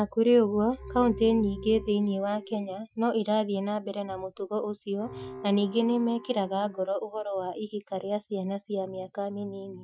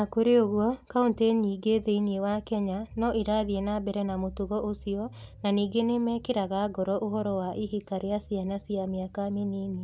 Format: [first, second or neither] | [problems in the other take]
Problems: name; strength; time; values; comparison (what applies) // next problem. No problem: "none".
second | noise reduction (classical method Wiener filter)